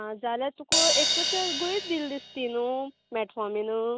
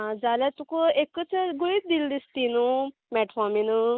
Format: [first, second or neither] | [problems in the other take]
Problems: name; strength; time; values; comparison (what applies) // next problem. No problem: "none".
second | background sound (Crash cymbal); 1 dB above the speech